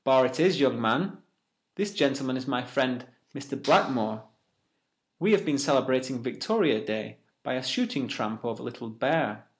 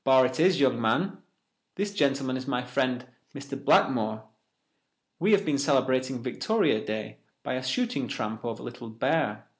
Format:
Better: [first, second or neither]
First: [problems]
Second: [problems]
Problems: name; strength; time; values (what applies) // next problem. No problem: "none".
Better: second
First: background sound (Clapping); 19 dB below the speech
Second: none